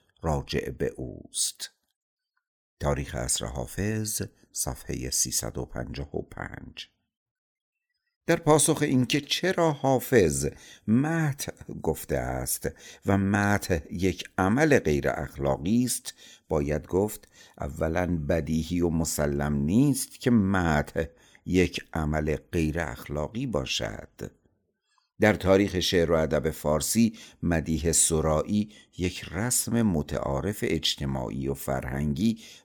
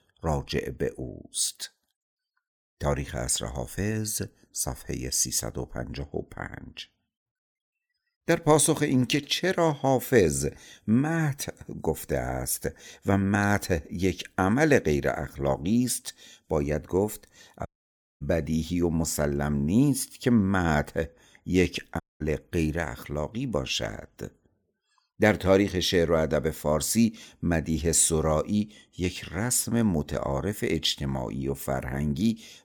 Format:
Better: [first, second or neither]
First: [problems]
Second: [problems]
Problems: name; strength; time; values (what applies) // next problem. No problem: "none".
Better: first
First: none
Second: audio cutting out; at 18 s for 0.5 s and at 22 s